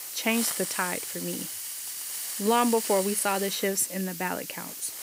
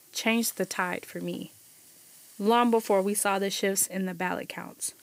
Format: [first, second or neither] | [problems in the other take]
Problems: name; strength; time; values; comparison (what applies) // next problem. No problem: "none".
second | hiss; loud; throughout; 4 dB below the speech; faint in the second